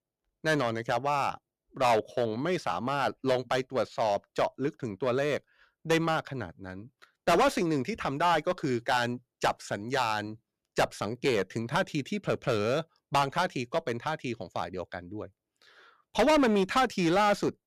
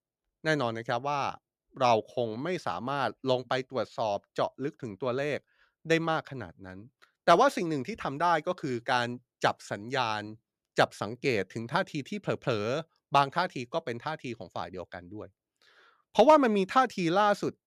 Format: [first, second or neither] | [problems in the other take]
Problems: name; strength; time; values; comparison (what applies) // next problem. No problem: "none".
second | distortion; heavy; 5% of the sound clipped